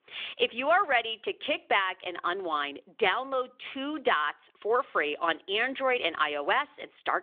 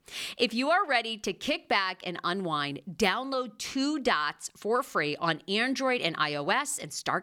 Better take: second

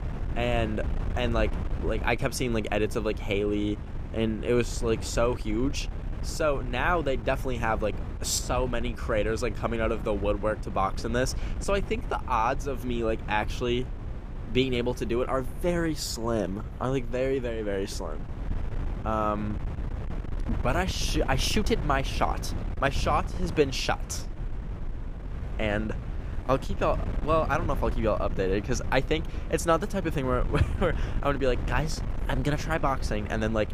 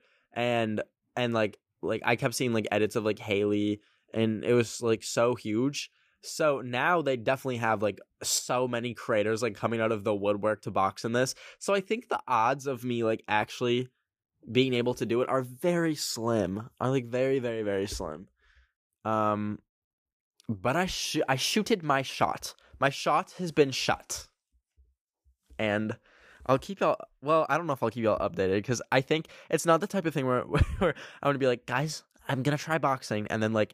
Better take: second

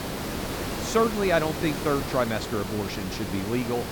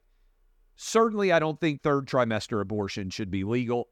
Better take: second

